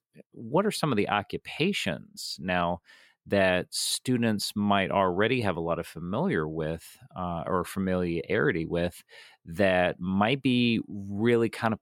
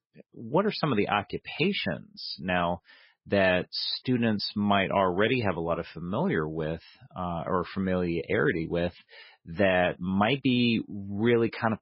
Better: first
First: none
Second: garbled, watery; badly; nothing above 5 kHz

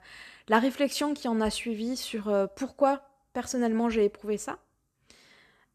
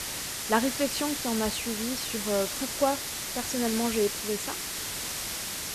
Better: first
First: none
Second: hiss; loud; throughout; 1 dB below the speech

